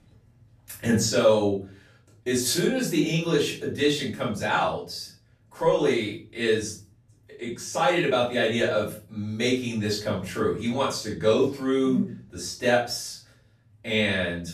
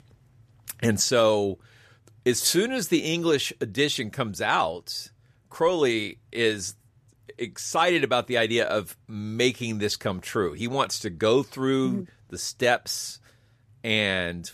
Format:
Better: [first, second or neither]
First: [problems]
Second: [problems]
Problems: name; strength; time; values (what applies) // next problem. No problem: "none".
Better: second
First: off-mic speech; far // room echo; noticeable; dies away in 0.3 s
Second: none